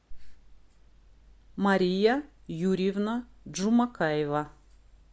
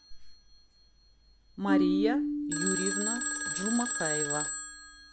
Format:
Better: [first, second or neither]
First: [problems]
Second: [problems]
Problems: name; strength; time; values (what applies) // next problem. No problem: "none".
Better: first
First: none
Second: background sound (Telephone + Marimba, xylophone); 4 dB above the speech